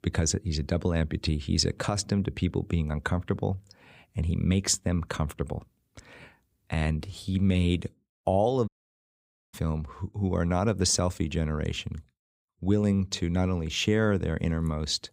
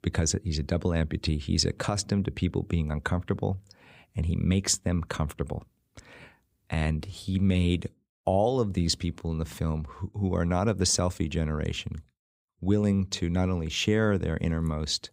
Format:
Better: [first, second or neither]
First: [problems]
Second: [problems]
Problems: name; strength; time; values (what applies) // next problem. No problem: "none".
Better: second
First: audio cutting out; at 8.5 s for 1 s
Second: none